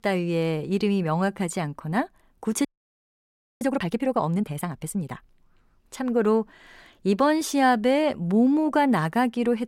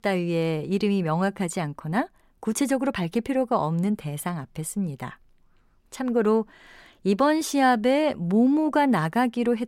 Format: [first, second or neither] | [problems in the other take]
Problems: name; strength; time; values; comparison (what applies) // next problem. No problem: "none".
second | audio freezing; at 2.5 s for 1 s